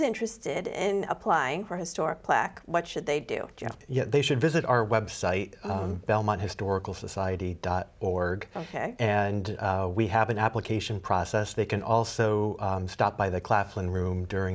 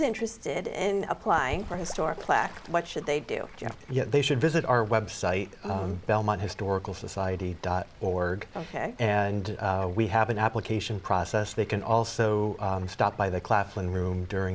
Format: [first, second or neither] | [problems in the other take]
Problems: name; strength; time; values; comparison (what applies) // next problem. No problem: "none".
first | background sound (Bird / Fowl); 19 dB below the speech